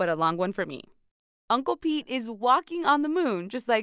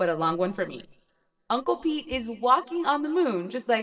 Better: first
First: none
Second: noise reduction (neural mask model DeepFilterNet 3)

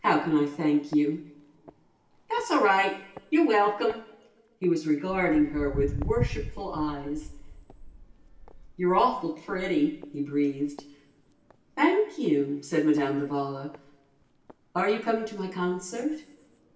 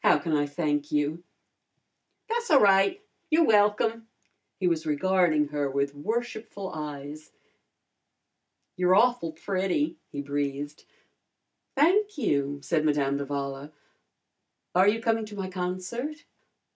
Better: second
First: background sound (Walk, footsteps); 14 dB below the speech // room echo; dies away in 0.8 s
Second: none

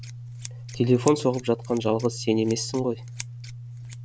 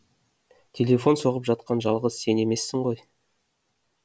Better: second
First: background sound (Scissors); 12 dB below the speech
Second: none

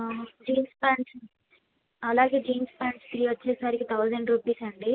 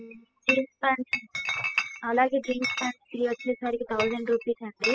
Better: first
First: none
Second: noise reduction (classical method spectral subtraction)

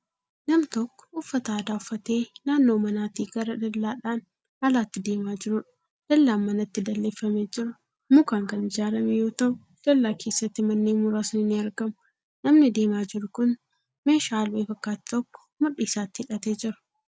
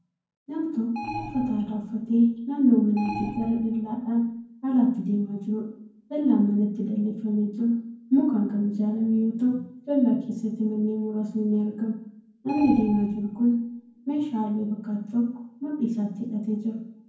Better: first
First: none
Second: background sound (Alarm); 12 dB below the speech // room echo; dies away in 0.9 s

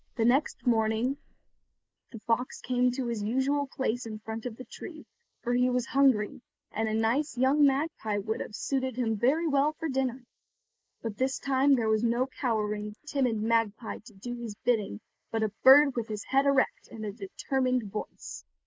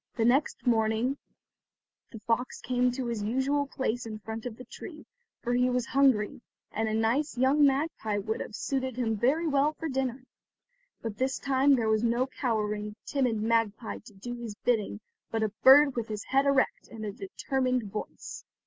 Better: second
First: noise reduction (neural mask model Resemble Enhance denoiser)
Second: none

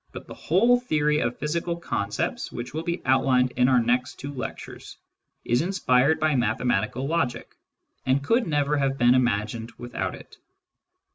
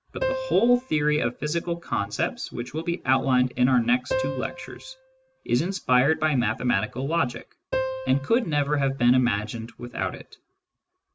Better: first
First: none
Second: background sound (Piano); 11 dB below the speech

